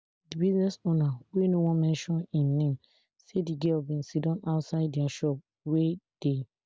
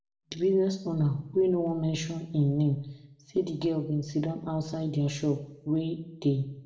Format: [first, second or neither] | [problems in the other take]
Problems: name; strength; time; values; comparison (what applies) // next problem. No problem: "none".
first | room echo; dies away in 0.6 s